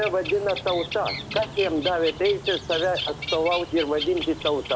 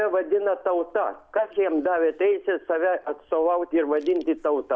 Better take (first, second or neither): second